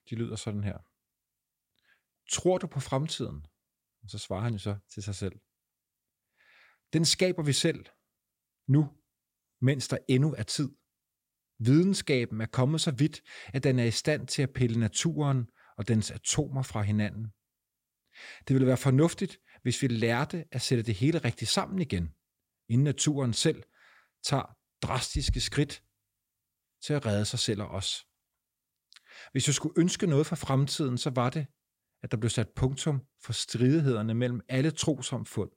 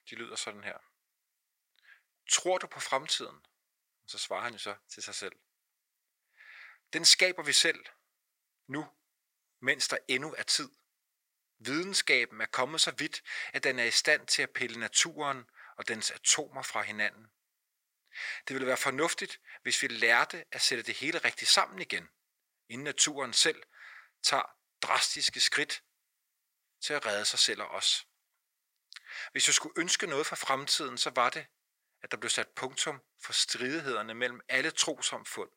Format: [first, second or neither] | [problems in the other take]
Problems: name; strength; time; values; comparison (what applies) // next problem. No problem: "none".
first | thin; very; fading below 700 Hz